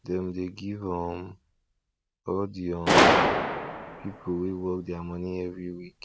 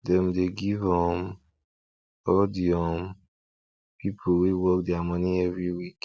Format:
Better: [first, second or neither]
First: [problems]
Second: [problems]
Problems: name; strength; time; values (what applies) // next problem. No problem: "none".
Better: second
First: background sound (Gunshot, gunfire); 5 dB above the speech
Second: none